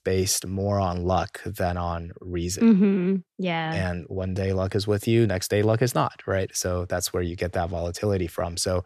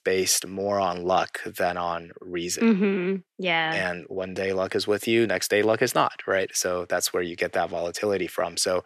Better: first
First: none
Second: thin; somewhat; fading below 300 Hz

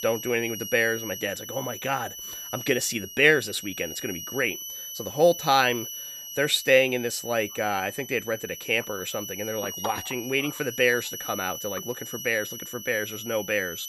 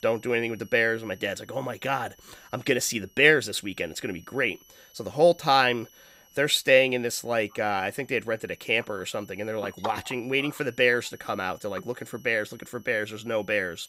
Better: second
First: high-pitched whine; loud; throughout; 6 kHz, 9 dB below the speech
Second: high-pitched whine; faint; throughout; 6 kHz, 30 dB below the speech

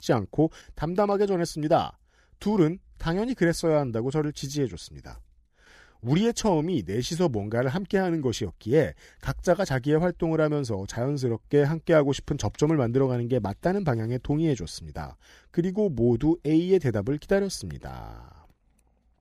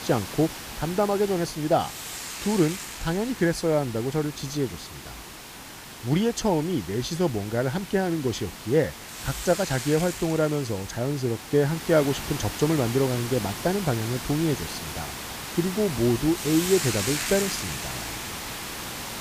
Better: first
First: none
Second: hiss; loud; throughout; 8 dB below the speech

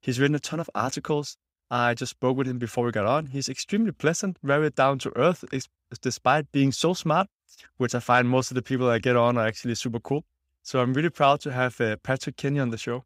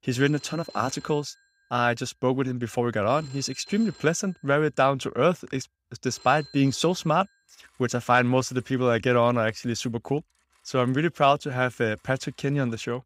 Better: first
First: none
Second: alarms or sirens; faint; throughout; 25 dB below the speech

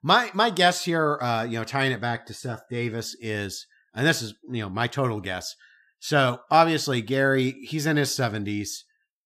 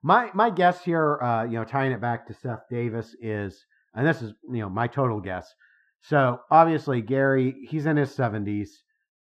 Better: first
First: none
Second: muffled; very; fading above 3 kHz

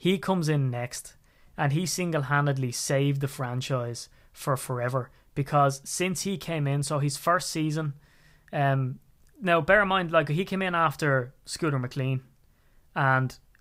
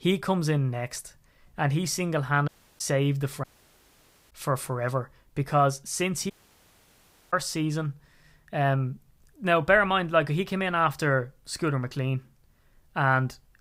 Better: first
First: none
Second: audio cutting out; at 2.5 s, at 3.5 s for 1 s and at 6.5 s for 1 s

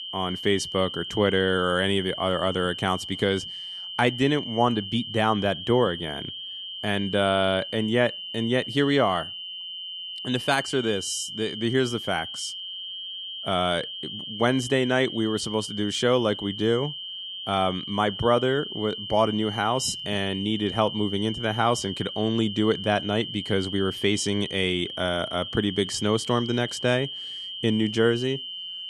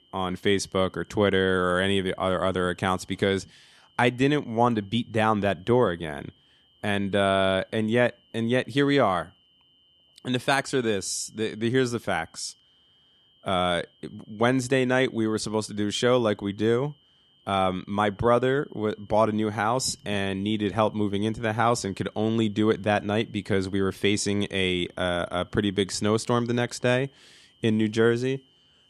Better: second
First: high-pitched whine; loud; throughout; 3 kHz, 8 dB below the speech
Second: high-pitched whine; faint; throughout; 3 kHz, 35 dB below the speech

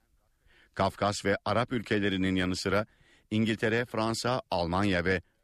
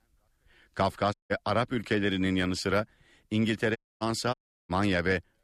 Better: first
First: none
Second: audio cutting out; at 1 s, at 4 s and at 4.5 s

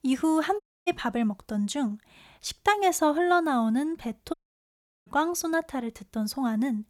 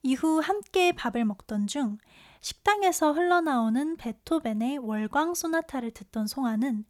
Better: second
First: audio cutting out; at 0.5 s and at 4.5 s for 0.5 s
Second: none

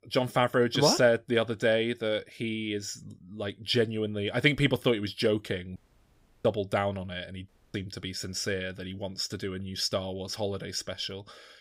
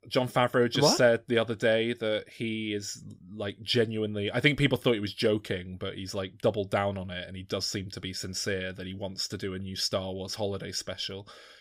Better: second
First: audio cutting out; at 6 s for 0.5 s and at 7.5 s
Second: none

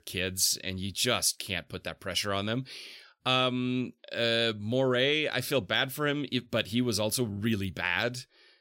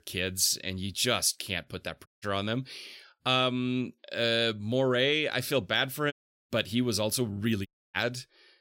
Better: first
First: none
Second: audio cutting out; at 2 s, at 6 s and at 7.5 s

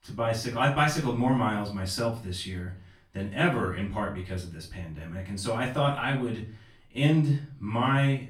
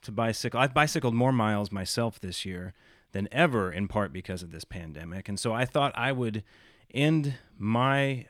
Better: second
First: off-mic speech; far // room echo; slight; dies away in 0.3 s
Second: none

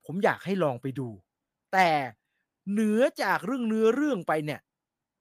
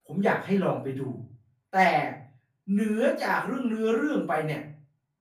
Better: first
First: none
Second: off-mic speech; far // room echo; slight; dies away in 0.4 s

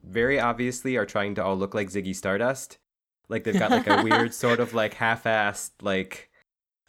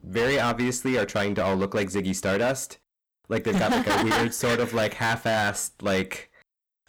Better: first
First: none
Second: distortion; heavy; 18% of the sound clipped

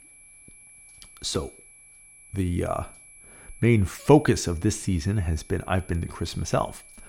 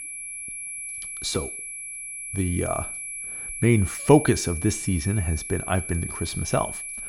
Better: first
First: high-pitched whine; faint; throughout; 11 kHz, 20 dB below the speech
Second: high-pitched whine; loud; throughout; 11 kHz, 7 dB below the speech

